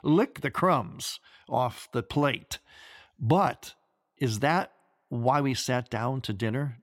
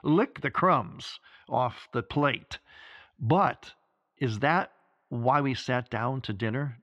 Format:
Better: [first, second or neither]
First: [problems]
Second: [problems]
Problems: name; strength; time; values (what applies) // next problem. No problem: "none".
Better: first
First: none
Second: muffled; slightly; fading above 3 kHz